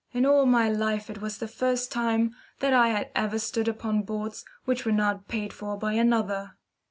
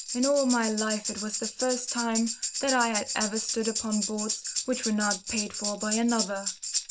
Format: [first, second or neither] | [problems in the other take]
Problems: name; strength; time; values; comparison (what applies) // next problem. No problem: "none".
first | background sound (Tambourine); 3 dB below the speech